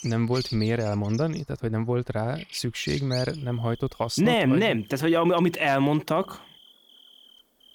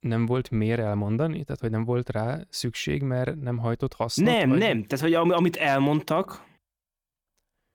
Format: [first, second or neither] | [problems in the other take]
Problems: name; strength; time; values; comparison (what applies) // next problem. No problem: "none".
second | animal sounds; noticeable; throughout; 15 dB below the speech